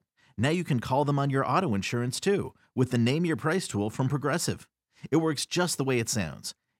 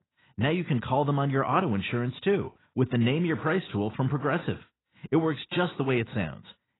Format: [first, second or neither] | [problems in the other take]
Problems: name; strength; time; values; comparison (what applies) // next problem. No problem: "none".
first | garbled, watery; badly; nothing above 4 kHz